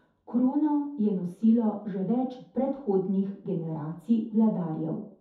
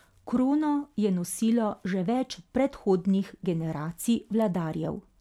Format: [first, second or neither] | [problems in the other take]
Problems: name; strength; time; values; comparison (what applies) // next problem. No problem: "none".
second | room echo; dies away in 0.5 s